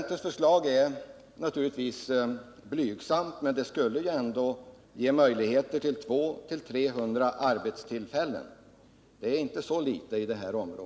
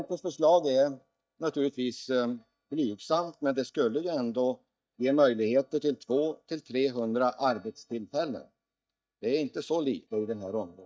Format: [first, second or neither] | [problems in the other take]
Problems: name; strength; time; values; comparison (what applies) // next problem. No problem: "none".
first | noise reduction (neural mask model DeepFilterNet 3)